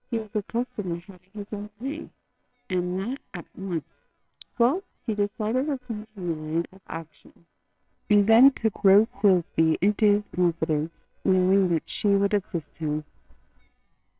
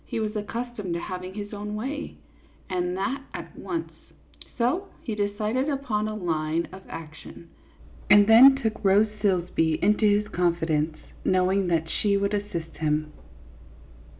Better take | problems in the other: second | noise reduction (neural separator model SepFormer WHAMR!)

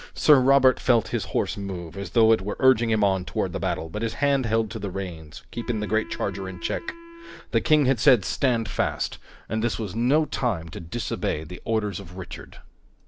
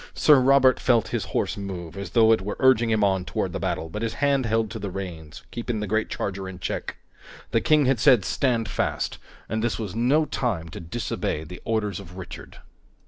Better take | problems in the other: second | background sound (Wind instrument, woodwind instrument); 19 dB below the speech

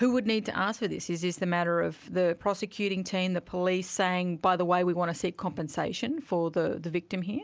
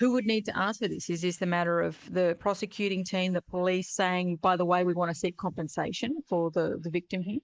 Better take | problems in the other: first | noise reduction (neural mask model Resemble Enhance denoiser)

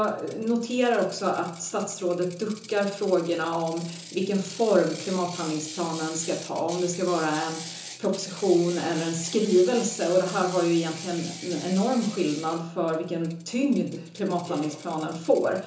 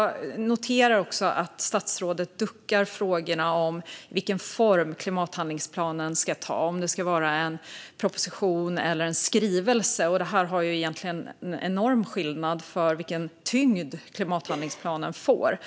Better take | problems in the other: second | background sound (Ratchet, pawl); 16 dB below the speech // room echo; dies away in 0.6 s

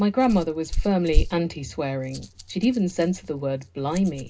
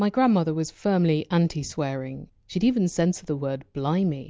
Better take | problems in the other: second | background sound (Rattle); 4 dB below the speech // room echo; dies away in 0.2 s

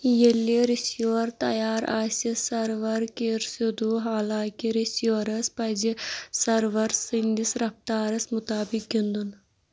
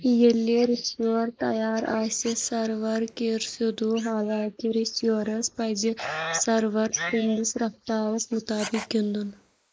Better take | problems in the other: first | noise reduction (neural mask model Resemble Enhance denoiser)

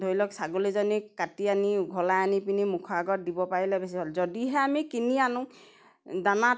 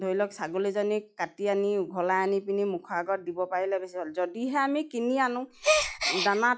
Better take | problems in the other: first | noise reduction (classical method log-MMSE)

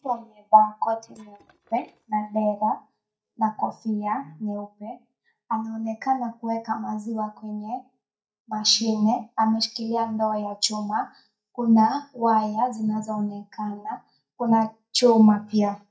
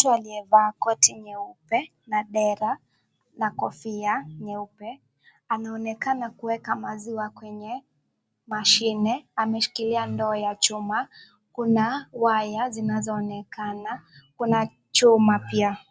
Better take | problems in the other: second | noise reduction (neural mask model DeepFilterNet 3)

